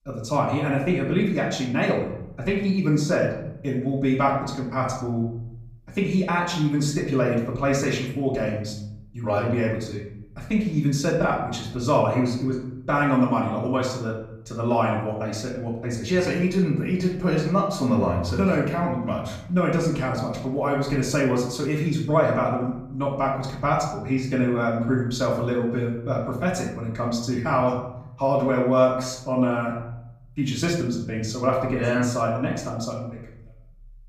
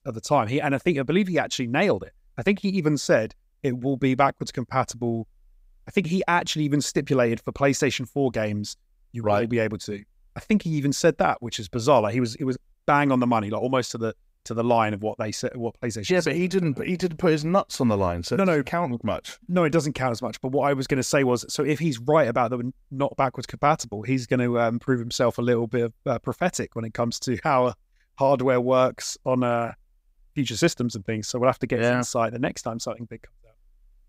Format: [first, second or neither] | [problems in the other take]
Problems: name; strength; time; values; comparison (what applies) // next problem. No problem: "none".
second | off-mic speech; far // room echo; noticeable; dies away in 0.8 s